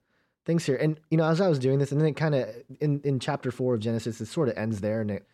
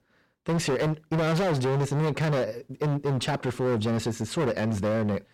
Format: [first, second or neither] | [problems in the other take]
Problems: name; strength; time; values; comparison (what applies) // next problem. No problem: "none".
first | distortion; heavy; 28% of the sound clipped